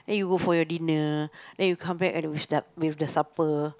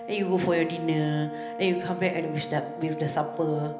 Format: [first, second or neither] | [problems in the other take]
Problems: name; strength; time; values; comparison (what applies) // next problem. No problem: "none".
first | background sound (Brass instrument); 10 dB below the speech // room echo; dies away in 0.8 s